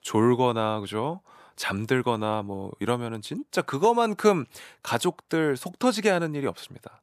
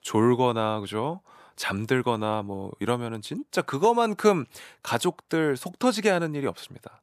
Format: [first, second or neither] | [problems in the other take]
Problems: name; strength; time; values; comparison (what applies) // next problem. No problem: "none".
neither | none